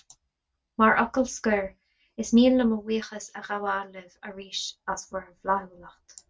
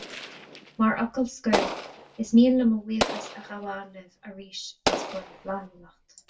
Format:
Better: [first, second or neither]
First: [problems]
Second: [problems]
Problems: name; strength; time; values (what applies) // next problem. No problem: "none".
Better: first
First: none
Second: background sound (Explosion); 6 dB below the speech // room echo; dies away in 0.2 s